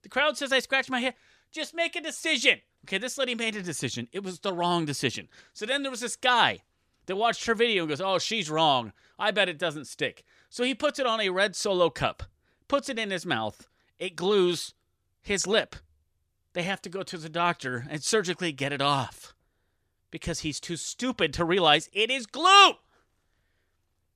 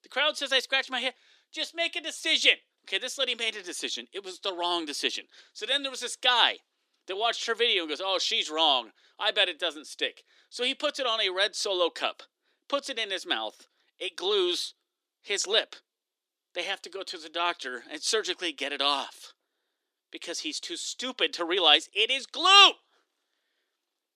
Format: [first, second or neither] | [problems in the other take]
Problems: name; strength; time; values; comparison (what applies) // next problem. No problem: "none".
first | thin; somewhat; fading below 300 Hz